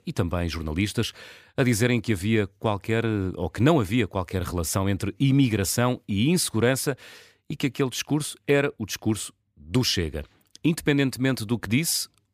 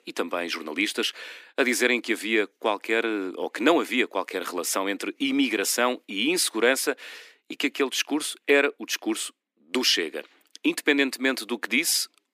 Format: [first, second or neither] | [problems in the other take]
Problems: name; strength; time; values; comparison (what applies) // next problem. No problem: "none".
first | thin; somewhat; fading below 250 Hz